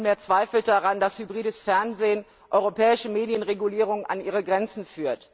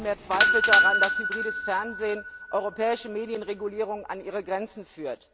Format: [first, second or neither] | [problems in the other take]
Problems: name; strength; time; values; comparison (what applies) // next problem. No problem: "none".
first | background sound (Doorbell); 2 dB above the speech